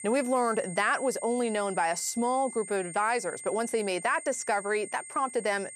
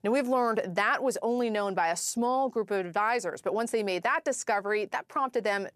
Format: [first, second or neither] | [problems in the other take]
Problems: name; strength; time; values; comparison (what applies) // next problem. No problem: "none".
second | high-pitched whine; noticeable; throughout; 8.5 kHz, 10 dB below the speech